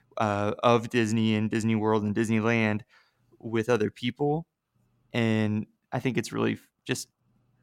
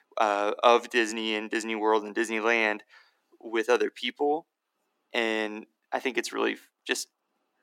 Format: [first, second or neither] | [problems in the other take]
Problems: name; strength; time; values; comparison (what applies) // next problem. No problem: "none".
first | thin; very; fading below 300 Hz